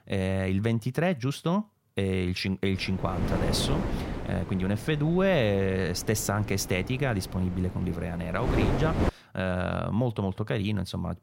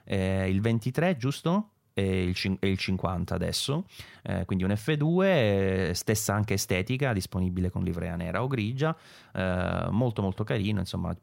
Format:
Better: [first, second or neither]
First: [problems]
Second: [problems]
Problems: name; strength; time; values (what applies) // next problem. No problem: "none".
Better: second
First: wind noise on the microphone; heavy; from 2.5 to 9 s; 6 dB below the speech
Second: none